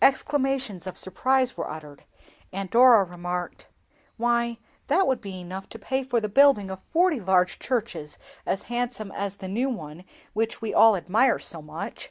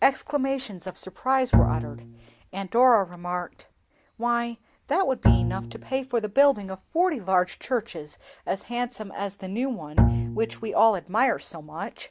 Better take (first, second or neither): first